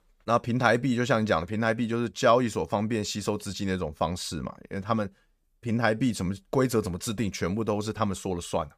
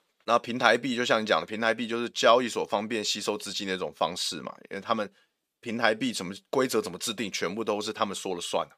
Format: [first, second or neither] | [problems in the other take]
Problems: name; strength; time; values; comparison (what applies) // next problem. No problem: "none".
first | thin; very slightly; fading below 300 Hz